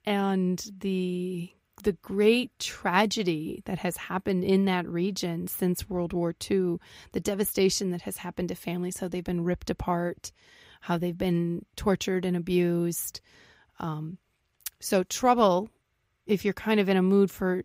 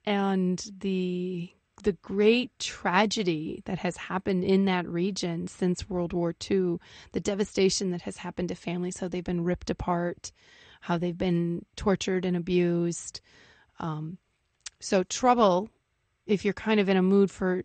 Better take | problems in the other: first | garbled, watery; slightly; nothing above 8.5 kHz

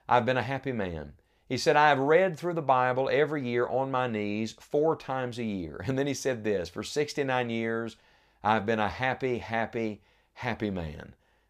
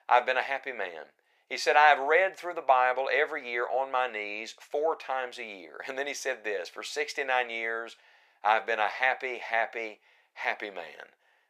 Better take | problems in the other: first | thin; very; fading below 500 Hz

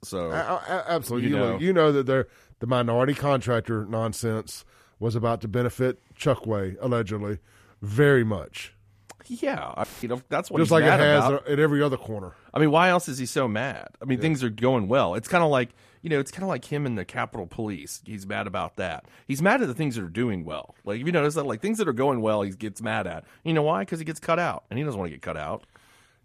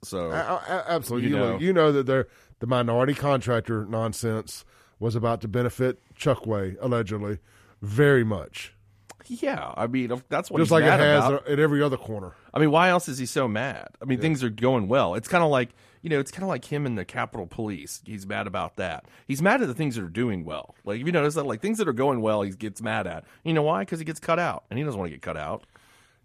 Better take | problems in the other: second | audio cutting out; filled with static; at 10 s

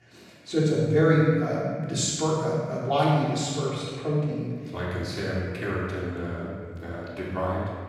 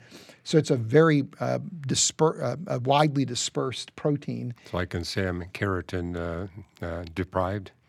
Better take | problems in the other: second | off-mic speech; far // room echo; strong; dies away in 1.6 s

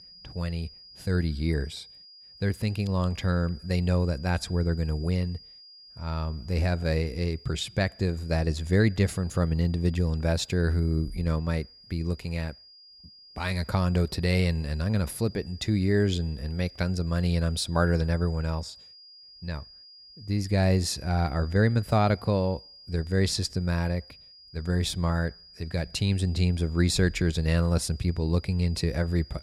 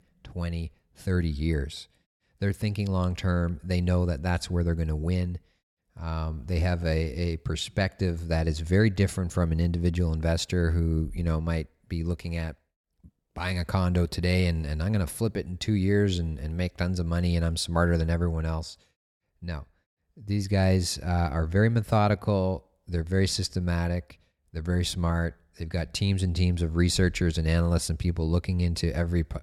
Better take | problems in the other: second | high-pitched whine; faint; throughout; 5 kHz, 20 dB below the speech

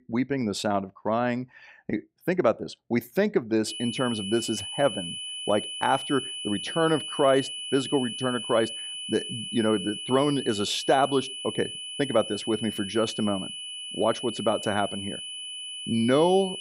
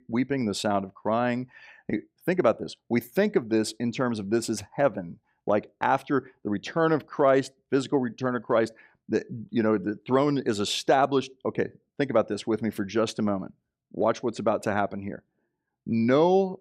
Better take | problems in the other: second | high-pitched whine; loud; from 3.5 s on; 3 kHz, 7 dB below the speech

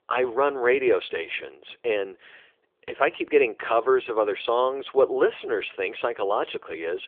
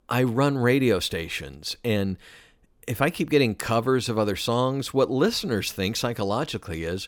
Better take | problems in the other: second | phone-call audio; nothing above 3.5 kHz

